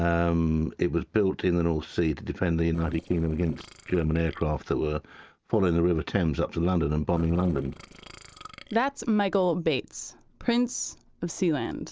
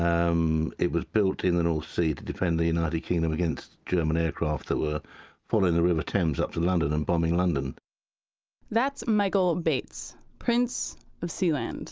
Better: second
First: noise reduction (neural separator model SepFormer DNS4)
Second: none

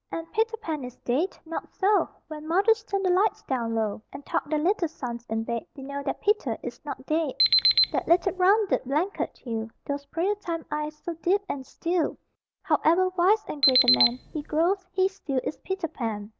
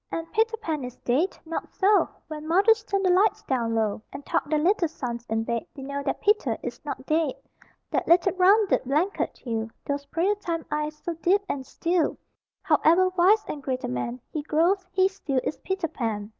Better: second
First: background sound (Alarm); 2 dB above the speech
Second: none

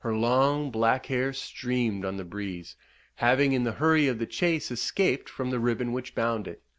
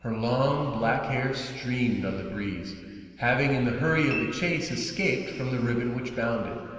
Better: first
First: none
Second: background sound (Piano); 19 dB below the speech // room echo; dies away in 2.5 s

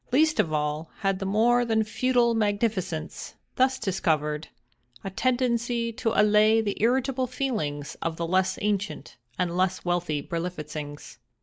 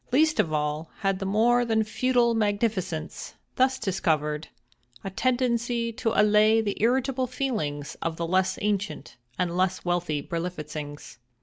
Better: second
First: noise reduction (neural mask model Resemble Enhance denoiser)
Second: none

